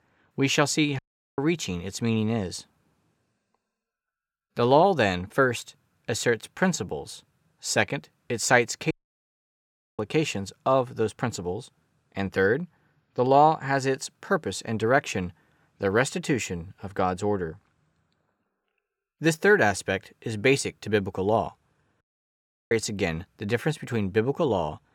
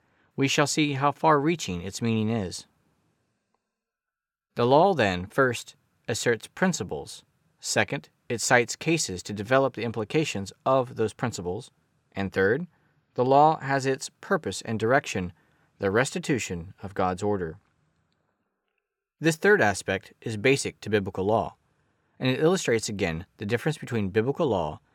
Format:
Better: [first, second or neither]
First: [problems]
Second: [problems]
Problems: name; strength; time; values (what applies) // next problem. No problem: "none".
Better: second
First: audio cutting out; at 1 s, at 9 s for 1 s and at 22 s for 0.5 s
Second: none